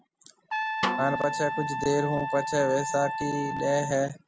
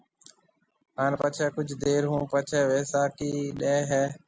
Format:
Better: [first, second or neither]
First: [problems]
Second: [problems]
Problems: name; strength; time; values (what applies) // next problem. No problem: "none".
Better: second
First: background sound (Trumpet + Snare drum); 3 dB below the speech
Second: none